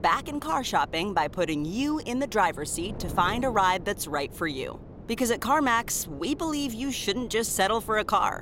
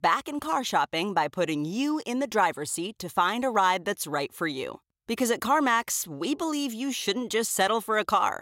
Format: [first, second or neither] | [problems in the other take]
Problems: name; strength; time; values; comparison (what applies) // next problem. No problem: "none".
second | wind noise on the microphone; occasional gusts; 20 dB below the speech